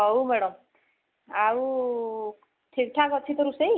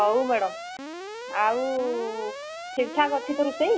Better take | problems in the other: first | background sound (Alarm); 11 dB below the speech

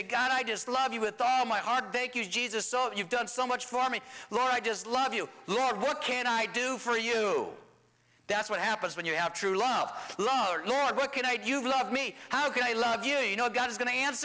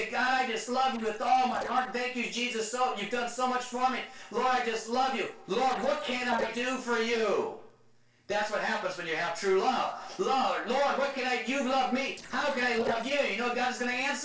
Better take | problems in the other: first | noise reduction (neural separator model SepFormer DNS4)

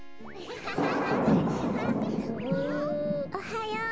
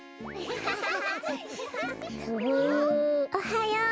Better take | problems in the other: second | background sound (Thunder); 4 dB above the speech

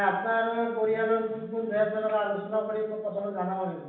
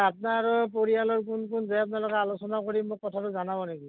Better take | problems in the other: second | background sound (Alarm); 20 dB below the speech // room echo; dies away in 0.9 s

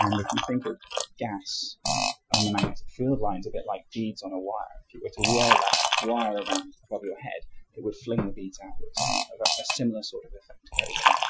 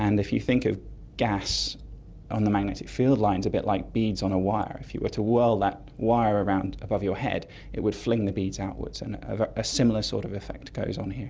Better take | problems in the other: second | noise reduction (classical method Wiener filter)

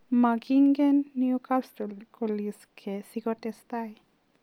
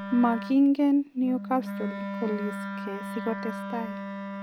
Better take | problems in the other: first | background sound (Wind instrument, woodwind instrument); 8 dB below the speech

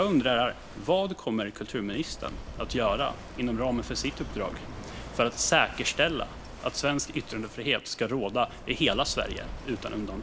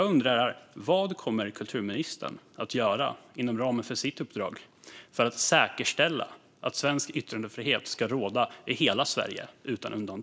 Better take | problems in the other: second | background sound (Walk, footsteps / Waves, surf / Wind); 12 dB below the speech

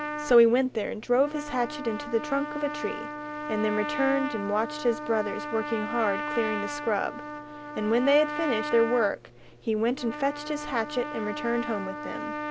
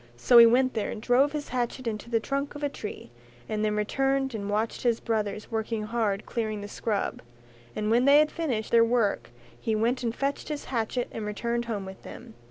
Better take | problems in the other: second | background sound (Trumpet); 7 dB below the speech

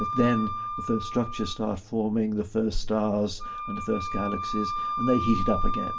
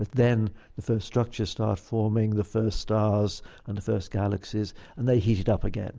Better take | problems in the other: second | background sound (Wind instrument, woodwind instrument); 6 dB below the speech // room echo; dies away in 0.2 s

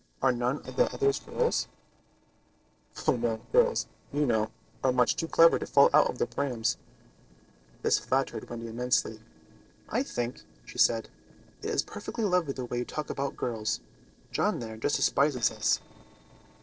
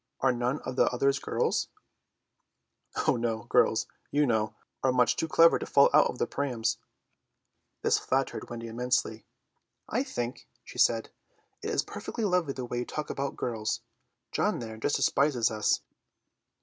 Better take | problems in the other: second | noise reduction (neural separator model SepFormer DNS4)

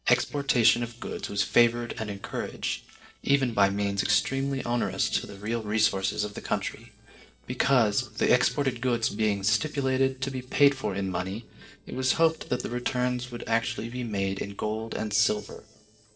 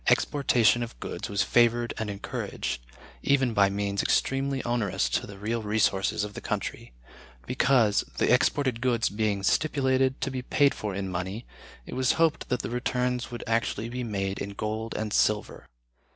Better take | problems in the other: second | noise reduction (neural separator model SepFormer DNS4)

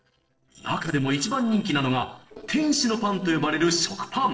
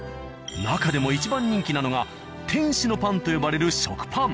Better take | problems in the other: second | noise reduction (neural separator model SepFormer DNS4)

